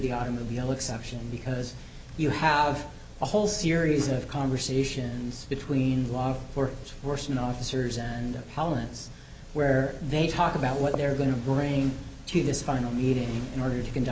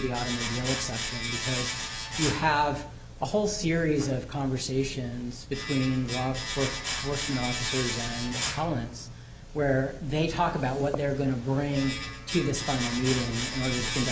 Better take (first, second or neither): first